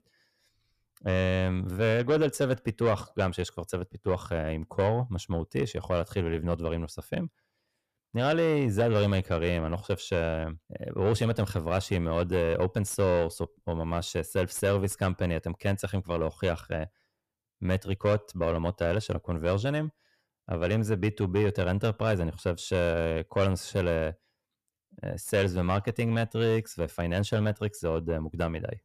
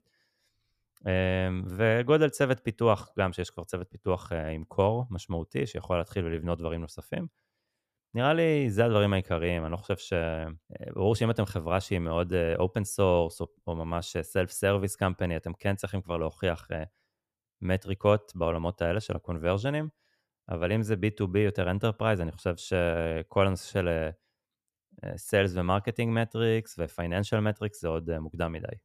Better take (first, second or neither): second